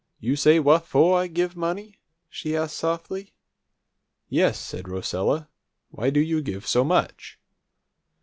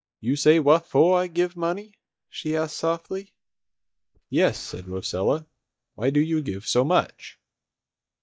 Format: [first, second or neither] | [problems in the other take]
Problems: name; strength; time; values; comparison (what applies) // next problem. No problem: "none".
first | noise reduction (neural mask model DeepFilterNet 3)